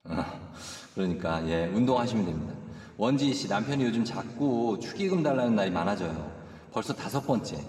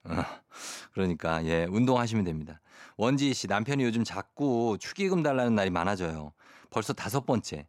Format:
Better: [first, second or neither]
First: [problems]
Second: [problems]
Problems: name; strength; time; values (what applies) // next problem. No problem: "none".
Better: second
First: room echo; slight; dies away in 1.8 s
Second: none